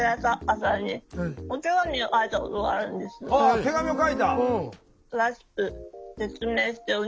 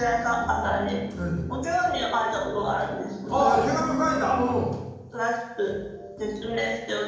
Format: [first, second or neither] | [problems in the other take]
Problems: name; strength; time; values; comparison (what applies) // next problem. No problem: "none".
first | room echo; dies away in 1 s